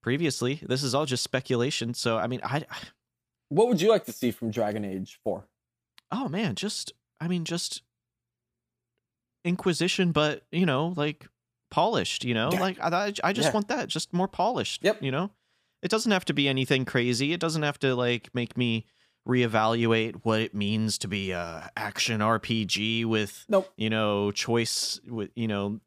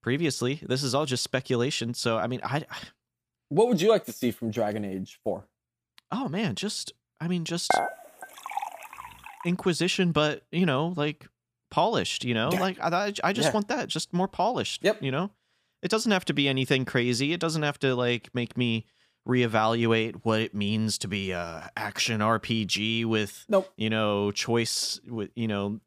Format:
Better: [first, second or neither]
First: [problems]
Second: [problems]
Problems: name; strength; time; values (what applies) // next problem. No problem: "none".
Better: first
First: none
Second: clattering dishes; loud; at 7.5 s; peak level with the speech